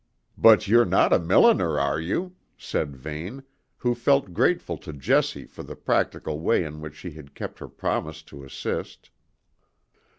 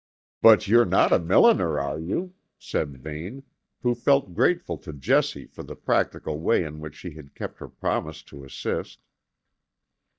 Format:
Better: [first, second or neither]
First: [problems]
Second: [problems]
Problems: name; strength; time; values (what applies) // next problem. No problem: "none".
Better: first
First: none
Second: noise reduction (neural mask model DeepFilterNet 3)